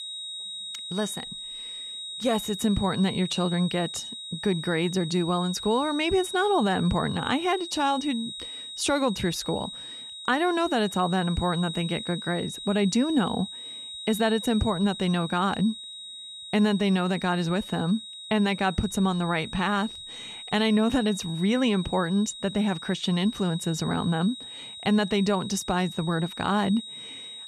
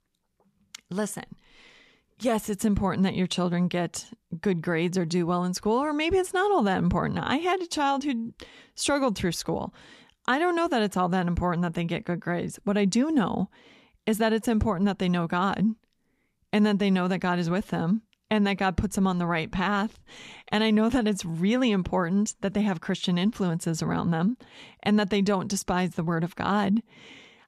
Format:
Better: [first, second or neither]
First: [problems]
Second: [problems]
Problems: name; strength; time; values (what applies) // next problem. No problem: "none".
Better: second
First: high-pitched whine; loud; throughout; 4 kHz, 10 dB below the speech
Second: none